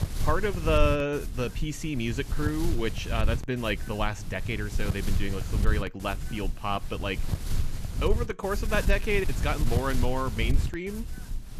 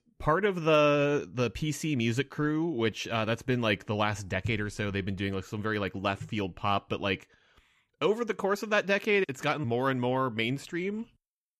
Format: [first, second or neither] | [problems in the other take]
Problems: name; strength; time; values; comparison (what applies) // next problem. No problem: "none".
second | wind noise on the microphone; occasional gusts; 10 dB below the speech